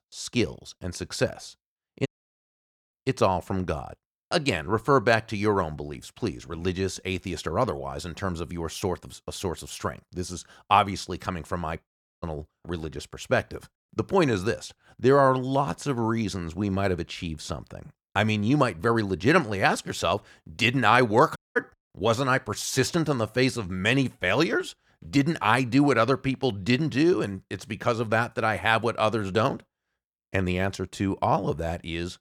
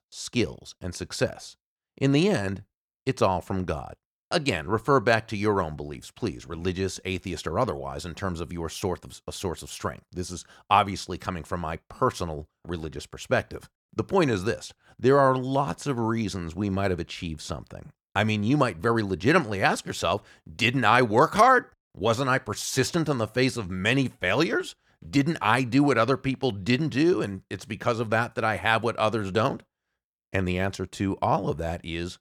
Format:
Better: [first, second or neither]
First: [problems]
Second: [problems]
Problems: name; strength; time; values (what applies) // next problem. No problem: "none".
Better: second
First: audio cutting out; at 2 s for 1 s, at 12 s and at 21 s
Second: none